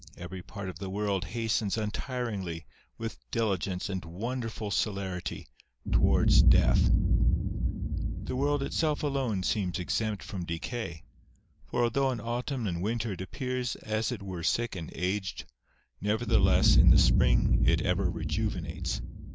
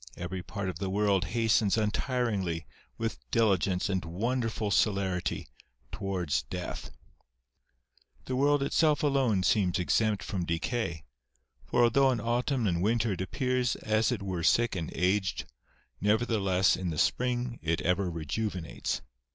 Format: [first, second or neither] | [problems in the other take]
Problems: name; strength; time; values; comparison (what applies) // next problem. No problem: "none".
second | background sound (Boom); 3 dB above the speech